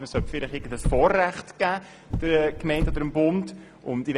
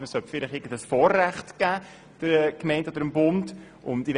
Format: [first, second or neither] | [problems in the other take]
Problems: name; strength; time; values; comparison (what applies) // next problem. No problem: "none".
second | background sound (Car); 3 dB below the speech